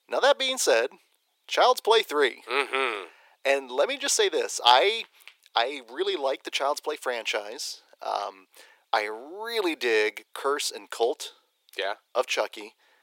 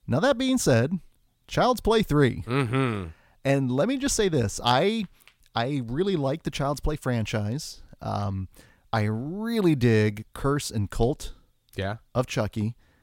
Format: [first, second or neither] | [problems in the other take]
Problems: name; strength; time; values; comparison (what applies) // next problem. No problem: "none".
second | thin; very; fading below 400 Hz